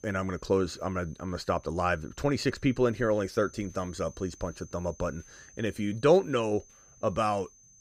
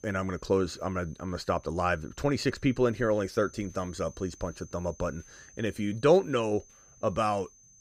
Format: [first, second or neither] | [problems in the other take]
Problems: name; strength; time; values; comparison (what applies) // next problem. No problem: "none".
neither | high-pitched whine; faint; throughout; 6.5 kHz, 25 dB below the speech; the same in both